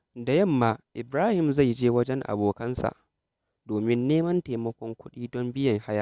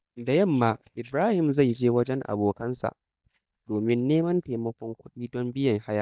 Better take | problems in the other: first | noise reduction (neural mask model DeepFilterNet 3)

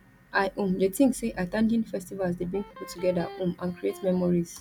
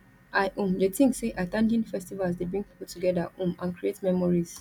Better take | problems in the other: second | background sound (Electric guitar); 18 dB below the speech

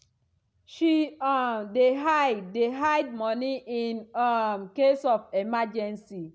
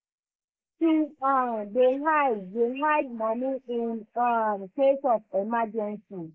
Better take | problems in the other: first | noise reduction (neural mask model Resemble Enhance denoiser)

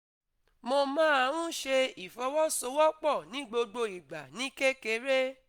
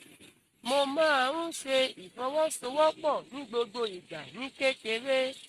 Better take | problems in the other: first | noise reduction (neural mask model RNNoise)

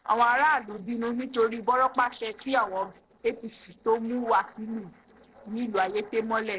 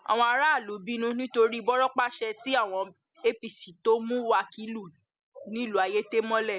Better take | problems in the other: second | noise reduction (neural separator model SepFormer DNS4)

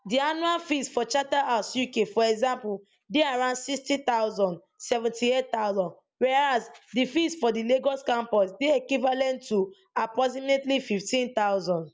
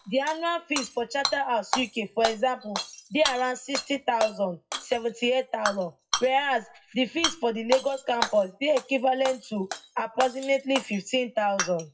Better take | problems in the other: first | noise reduction (classical method WPE with log-MMSE)

